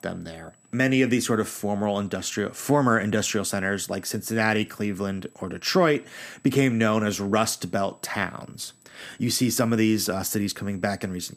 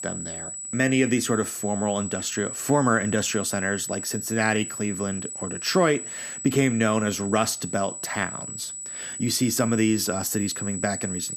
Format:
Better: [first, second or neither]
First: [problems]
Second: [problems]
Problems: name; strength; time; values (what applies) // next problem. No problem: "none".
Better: first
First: high-pitched whine; faint; throughout; 8 kHz, 35 dB below the speech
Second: high-pitched whine; loud; throughout; 8 kHz, 7 dB below the speech